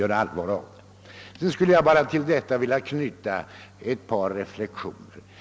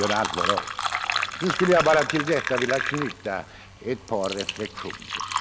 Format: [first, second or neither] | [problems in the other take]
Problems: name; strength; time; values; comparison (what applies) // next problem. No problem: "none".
first | background sound (Fill (with liquid)); 3 dB below the speech